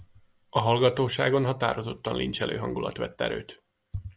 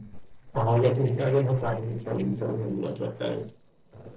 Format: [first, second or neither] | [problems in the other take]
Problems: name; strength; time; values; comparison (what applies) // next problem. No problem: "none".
first | noise reduction (neural separator model SepFormer DNS4)